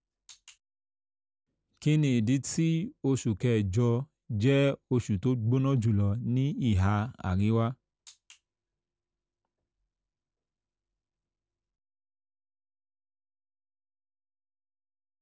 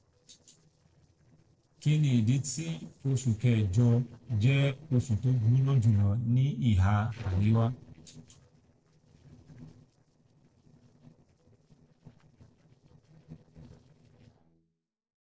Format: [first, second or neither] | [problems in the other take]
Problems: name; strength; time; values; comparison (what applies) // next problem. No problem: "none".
first | noise reduction (neural separator model SepFormer DNS4)